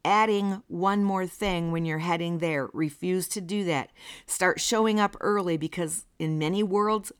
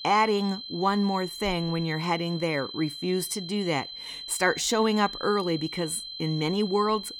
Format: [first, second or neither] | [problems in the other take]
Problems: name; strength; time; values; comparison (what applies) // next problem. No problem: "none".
first | high-pitched whine; loud; throughout; 4 kHz, 9 dB below the speech